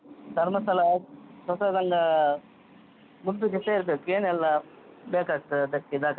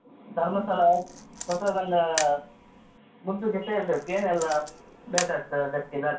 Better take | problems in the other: first | background sound (Camera); 12 dB below the speech // room echo; dies away in 0.3 s

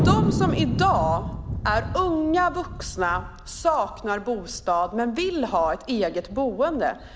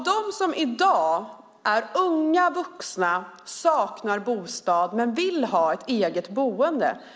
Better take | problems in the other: second | background sound (Thunder); 4 dB below the speech

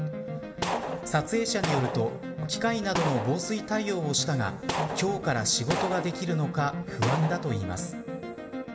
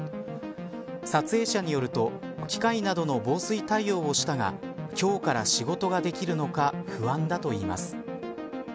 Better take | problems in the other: second | background sound (Gunshot, gunfire); 7 dB below the speech // room echo; dies away in 1 s

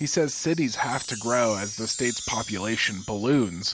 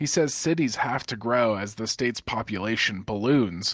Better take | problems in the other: second | background sound (Chime); 11 dB below the speech

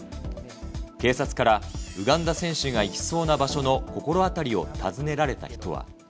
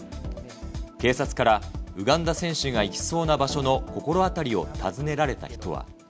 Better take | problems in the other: second | background sound (Camera); 20 dB below the speech

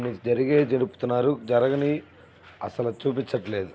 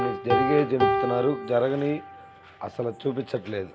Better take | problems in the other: first | background sound (Piano); 2 dB below the speech

